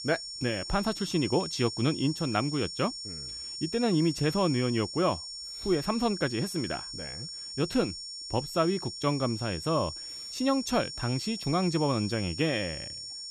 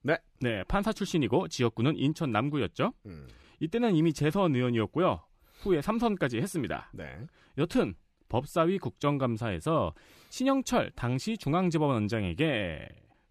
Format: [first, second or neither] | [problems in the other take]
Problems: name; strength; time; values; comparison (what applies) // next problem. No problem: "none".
second | high-pitched whine; loud; throughout; 5.5 kHz, 7 dB below the speech